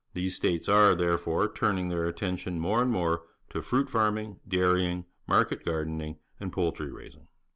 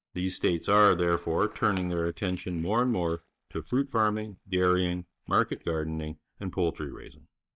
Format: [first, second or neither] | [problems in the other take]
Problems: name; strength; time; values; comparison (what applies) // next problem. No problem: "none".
first | noise reduction (neural mask model DeepFilterNet 3)